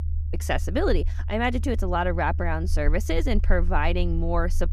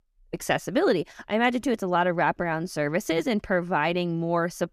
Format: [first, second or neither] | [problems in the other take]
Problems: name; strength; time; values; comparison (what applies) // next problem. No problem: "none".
second | low rumble; faint; throughout; 20 dB below the speech